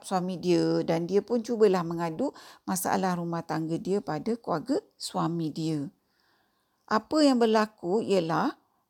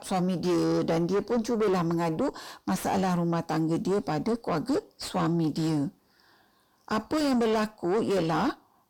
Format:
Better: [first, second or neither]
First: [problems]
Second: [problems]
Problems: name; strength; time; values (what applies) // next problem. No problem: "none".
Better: first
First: none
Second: distortion; heavy; 6 dB below the speech